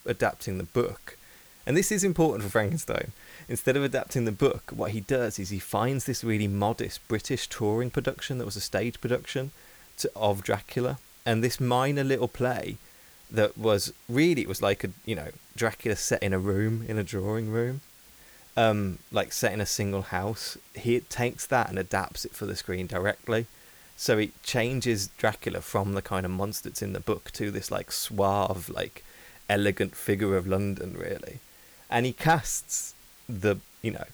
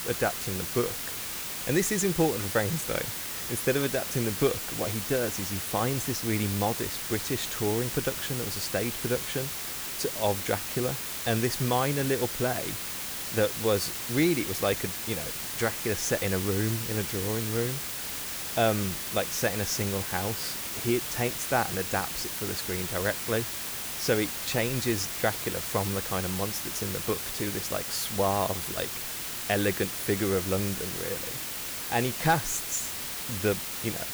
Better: first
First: hiss; faint; throughout; 25 dB below the speech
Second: hiss; loud; throughout; 2 dB below the speech

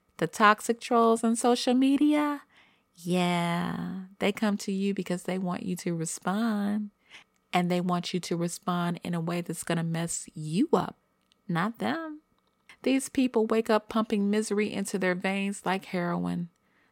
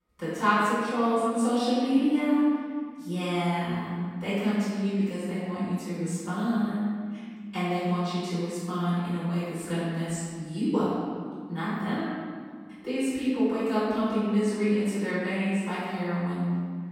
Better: first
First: none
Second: room echo; strong; dies away in 1.8 s // off-mic speech; far

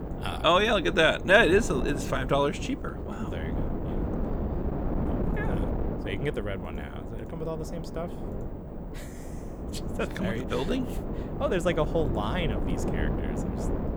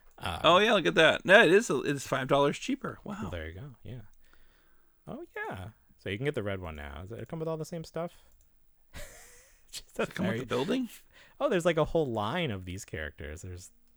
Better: second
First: wind noise on the microphone; occasional gusts; 10 dB below the speech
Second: none

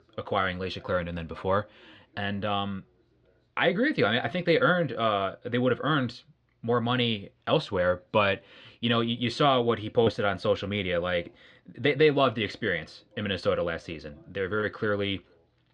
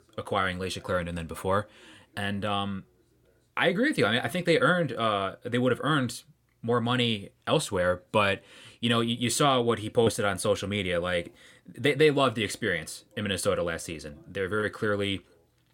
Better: second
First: muffled; very slightly; fading above 4.5 kHz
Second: none

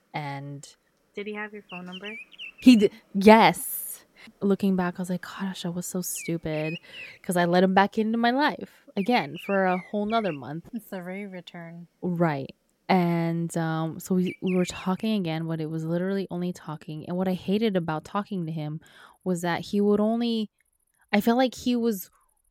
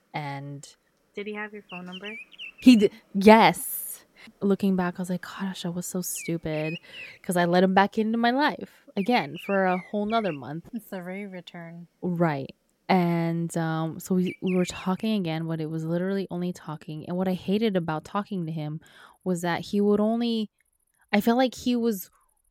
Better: neither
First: animal sounds; noticeable; throughout; 15 dB below the speech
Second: animal sounds; noticeable; throughout; 15 dB below the speech

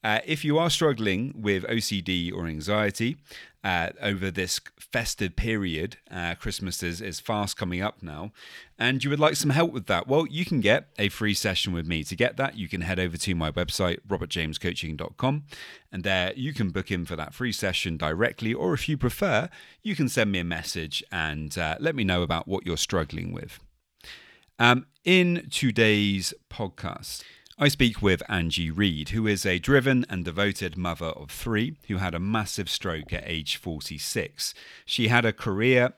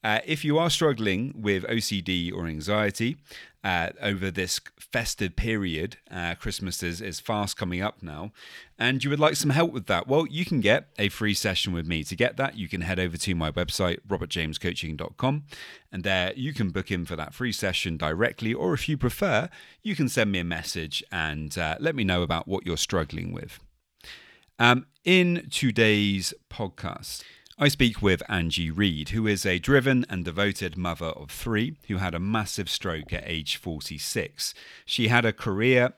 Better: neither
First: none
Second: none

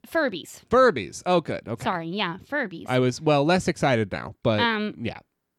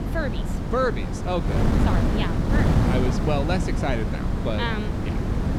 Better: first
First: none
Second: wind noise on the microphone; heavy; 2 dB below the speech

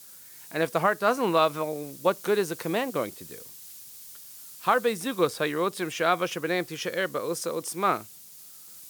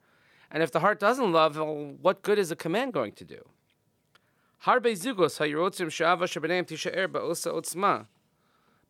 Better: second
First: hiss; noticeable; throughout; 15 dB below the speech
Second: none

